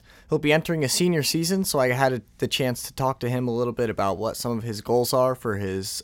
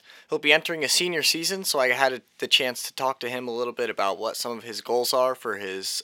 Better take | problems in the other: first | thin; somewhat; fading below 400 Hz

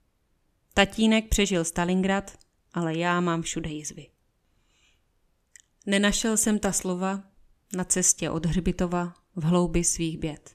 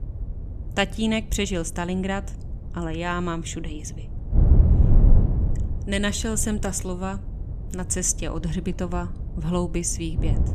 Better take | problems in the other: first | wind noise on the microphone; occasional gusts; 10 dB below the speech

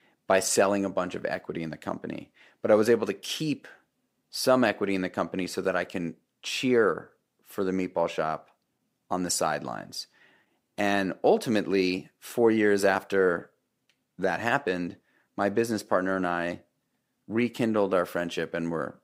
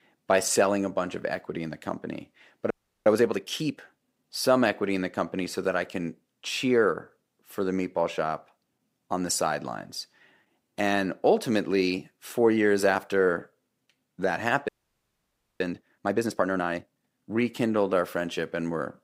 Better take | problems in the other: first | audio freezing; at 2.5 s and at 15 s for 1 s

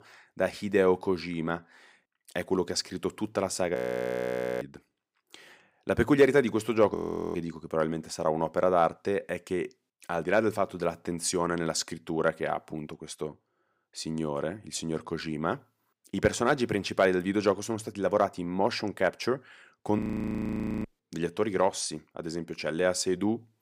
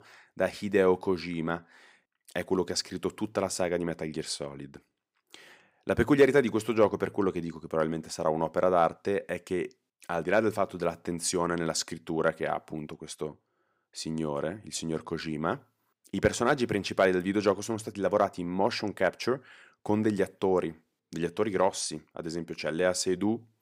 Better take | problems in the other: second | audio freezing; at 4 s for 1 s, at 7 s and at 20 s for 1 s

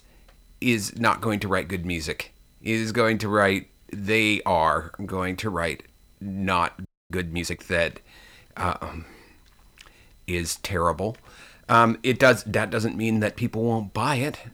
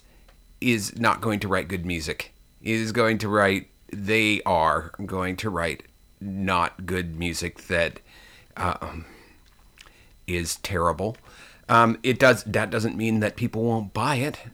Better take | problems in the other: second | audio freezing; at 7 s

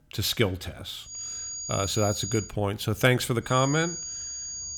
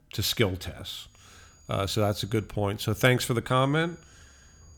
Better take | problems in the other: second | high-pitched whine; loud; from 1 to 2.5 s and from 3.5 s on; 6.5 kHz, 7 dB below the speech; faint in the second

